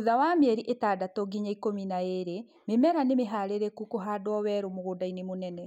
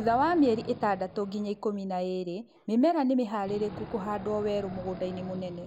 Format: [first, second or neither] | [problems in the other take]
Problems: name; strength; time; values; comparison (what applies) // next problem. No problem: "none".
first | background sound (Wild animals); 15 dB below the speech